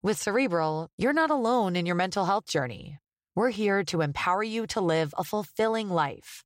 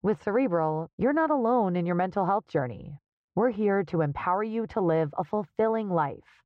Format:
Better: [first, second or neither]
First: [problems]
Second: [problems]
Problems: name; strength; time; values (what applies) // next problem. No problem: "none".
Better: first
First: none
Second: muffled; very; fading above 3.5 kHz